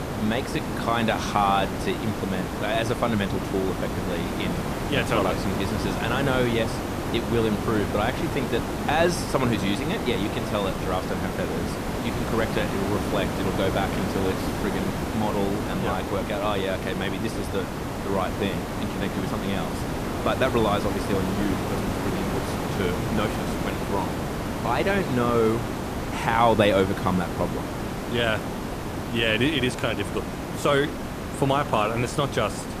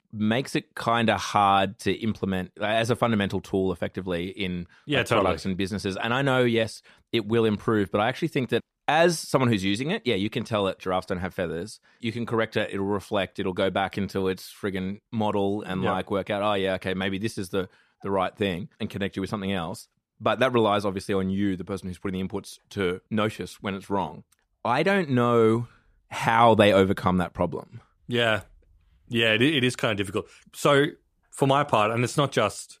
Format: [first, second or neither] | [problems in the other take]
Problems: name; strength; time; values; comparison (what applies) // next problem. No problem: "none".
second | hiss; loud; throughout; 3 dB below the speech